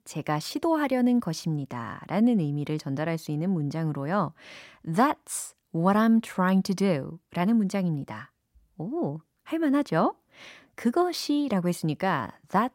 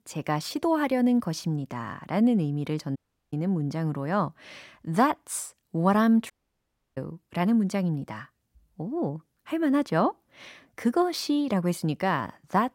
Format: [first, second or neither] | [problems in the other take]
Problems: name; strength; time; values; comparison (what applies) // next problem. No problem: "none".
first | audio cutting out; at 3 s and at 6.5 s for 0.5 s